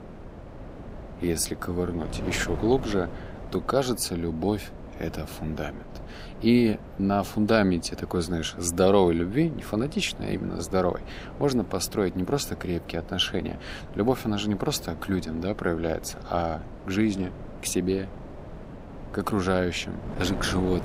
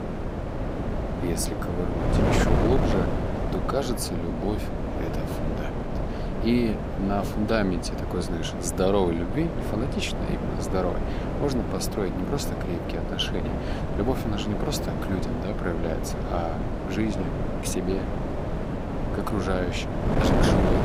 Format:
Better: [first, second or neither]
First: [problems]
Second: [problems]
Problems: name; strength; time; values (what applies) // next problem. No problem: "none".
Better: first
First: wind noise on the microphone; occasional gusts; 15 dB below the speech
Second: wind noise on the microphone; heavy; 1 dB below the speech